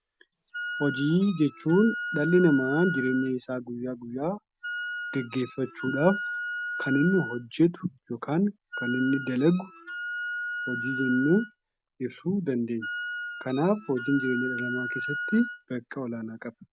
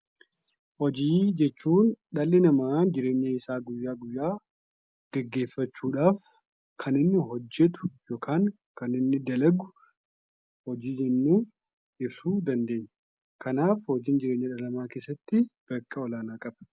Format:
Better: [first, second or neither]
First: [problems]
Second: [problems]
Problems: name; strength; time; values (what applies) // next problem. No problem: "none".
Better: second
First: background sound (Wind instrument, woodwind instrument); 8 dB below the speech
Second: none